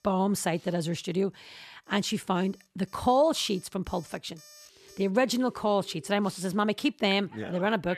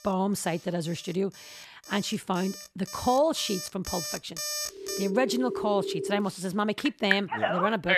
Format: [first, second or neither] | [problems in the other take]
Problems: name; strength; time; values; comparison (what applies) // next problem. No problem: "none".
first | alarms or sirens; loud; throughout; 4 dB below the speech; faint in the first